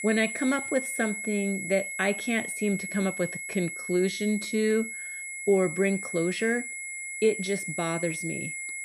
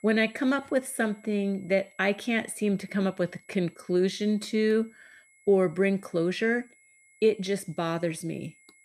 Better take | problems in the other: second | high-pitched whine; loud; throughout; 2 kHz, 5 dB below the speech; faint in the second

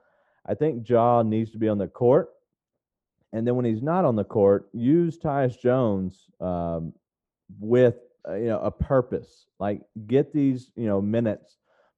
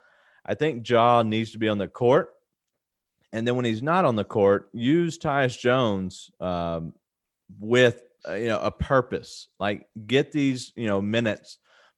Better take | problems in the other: second | muffled; very; fading above 1.5 kHz

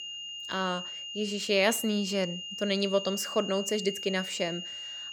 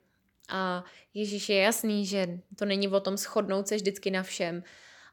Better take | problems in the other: second | high-pitched whine; loud; throughout; 3 kHz, 7 dB below the speech

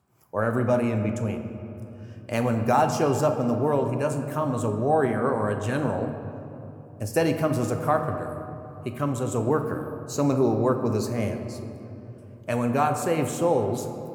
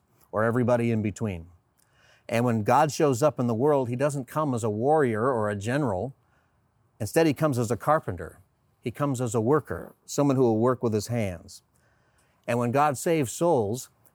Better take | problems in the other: second | room echo; slight; dies away in 2.2 s

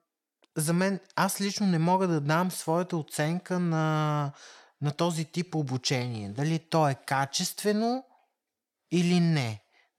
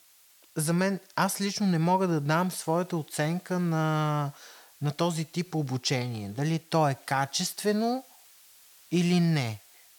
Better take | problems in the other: first | hiss; faint; throughout; 25 dB below the speech

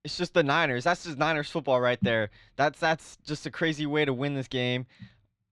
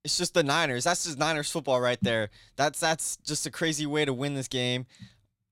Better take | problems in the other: second | muffled; slightly; fading above 2.5 kHz

